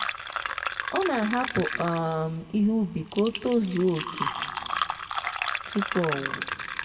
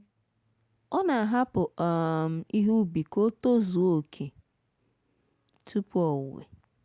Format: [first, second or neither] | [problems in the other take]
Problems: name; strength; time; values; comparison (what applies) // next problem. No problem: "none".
second | background sound (Fill (with liquid)); 4 dB below the speech // room echo; dies away in 0.8 s